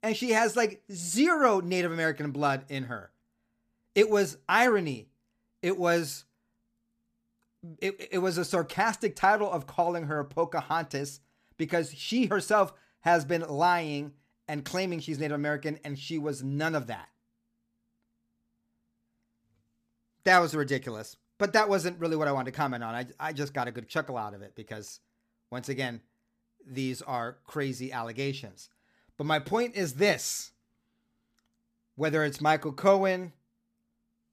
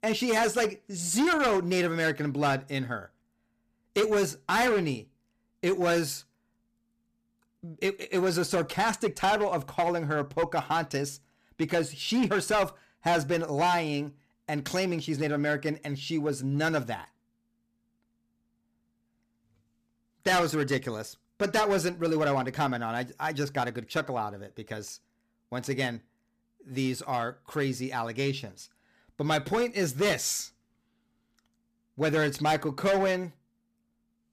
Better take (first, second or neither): first